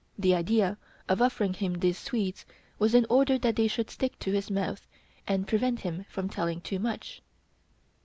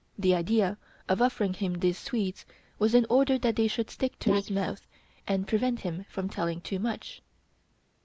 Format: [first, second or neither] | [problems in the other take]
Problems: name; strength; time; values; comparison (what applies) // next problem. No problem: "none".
first | noise reduction (neural mask model Resemble Enhance denoiser)